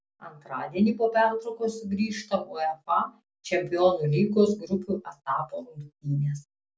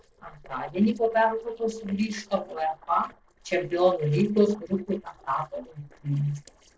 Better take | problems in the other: first | noise reduction (neural separator model SepFormer DNS4)

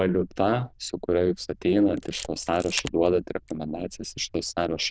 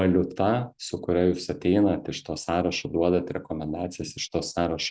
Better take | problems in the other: second | noise reduction (neural diffusion model UNIVERSE++)

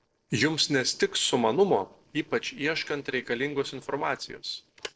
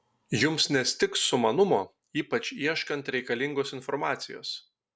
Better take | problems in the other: second | noise reduction (neural separator model SepFormer DNS4)

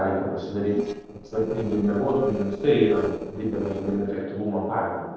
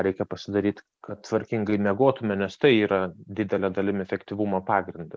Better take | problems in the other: second | noise reduction (neural separator model SepFormer DNS4)

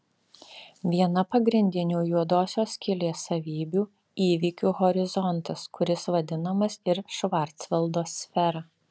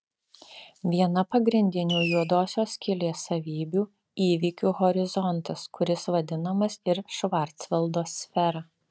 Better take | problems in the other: first | noise reduction (neural mask model RNNoise)

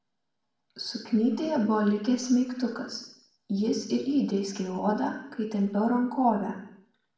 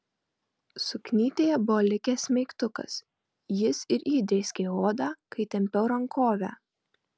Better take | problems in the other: second | room echo; dies away in 0.7 s

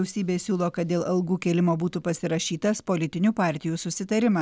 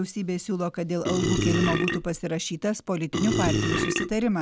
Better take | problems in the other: first | background sound (Burping, eructation); as loud as the speech

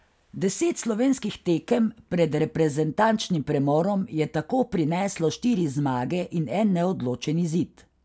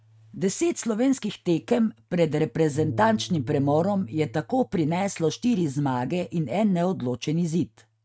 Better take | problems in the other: first | noise reduction (neural mask model RNNoise)

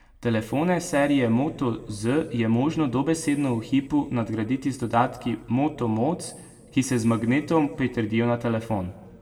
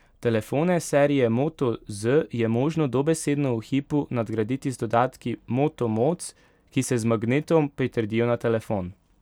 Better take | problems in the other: second | room echo; dies away in 1.2 s

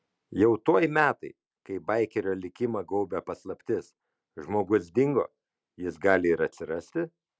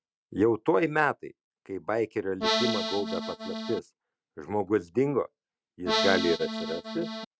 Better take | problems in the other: first | noise reduction (neural mask model RNNoise)

